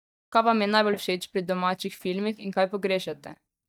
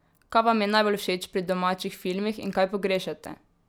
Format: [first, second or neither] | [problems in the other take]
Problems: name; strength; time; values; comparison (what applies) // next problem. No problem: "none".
second | noise reduction (neural mask model DeepFilterNet 3)